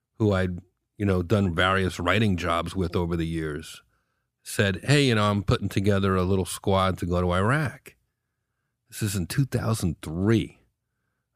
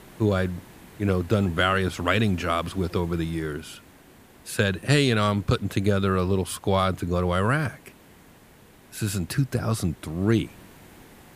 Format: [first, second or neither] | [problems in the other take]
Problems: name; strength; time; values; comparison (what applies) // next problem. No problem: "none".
first | hiss; faint; throughout; 25 dB below the speech